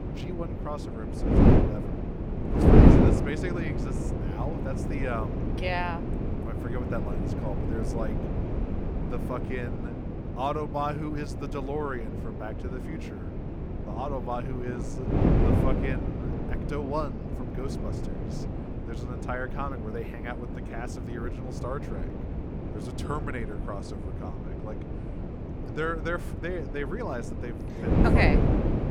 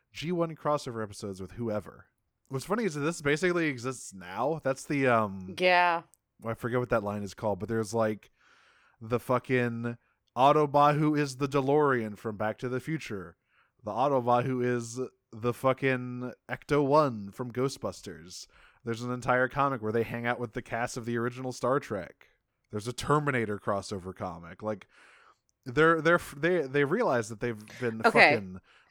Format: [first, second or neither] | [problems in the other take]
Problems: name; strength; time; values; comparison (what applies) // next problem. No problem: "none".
second | wind noise on the microphone; heavy; as loud as the speech